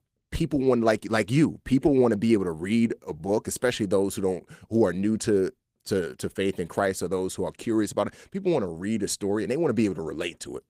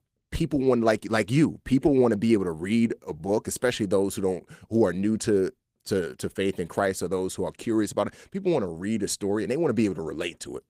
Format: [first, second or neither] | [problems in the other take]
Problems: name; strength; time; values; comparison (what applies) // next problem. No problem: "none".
neither | garbled, watery; slightly; nothing above 15.5 kHz; the same in both